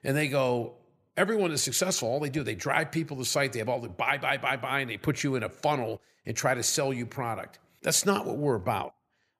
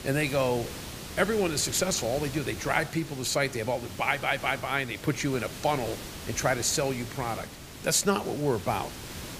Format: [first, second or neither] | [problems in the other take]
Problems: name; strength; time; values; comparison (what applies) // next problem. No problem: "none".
first | hiss; noticeable; throughout; 10 dB below the speech